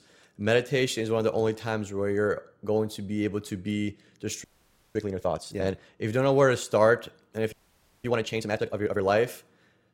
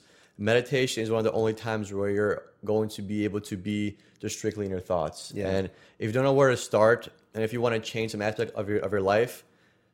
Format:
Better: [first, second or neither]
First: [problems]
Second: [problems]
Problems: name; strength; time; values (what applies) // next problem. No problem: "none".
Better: second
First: audio freezing; at 4.5 s for 0.5 s and at 7.5 s for 0.5 s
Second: none